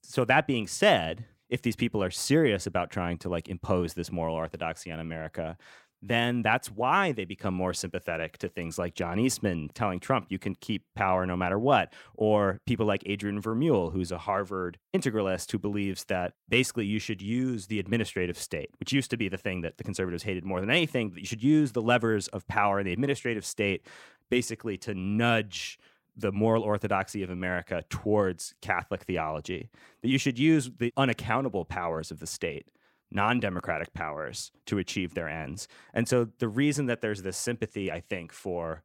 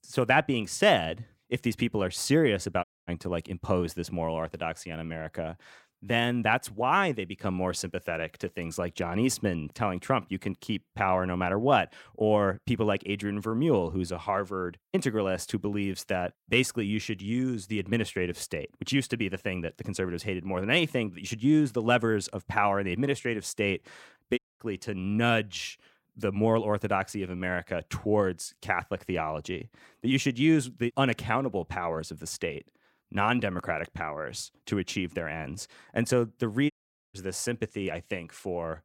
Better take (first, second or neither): first